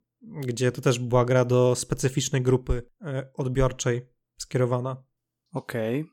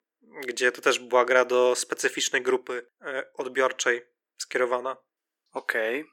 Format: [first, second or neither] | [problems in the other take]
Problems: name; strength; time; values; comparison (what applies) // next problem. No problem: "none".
first | thin; very; fading below 350 Hz